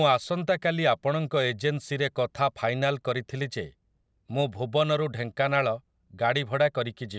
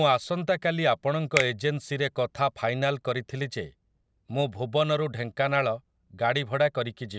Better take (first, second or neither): first